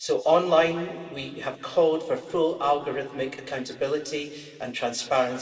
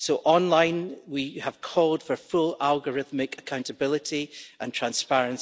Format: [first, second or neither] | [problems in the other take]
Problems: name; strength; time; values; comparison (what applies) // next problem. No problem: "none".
second | room echo; dies away in 2.3 s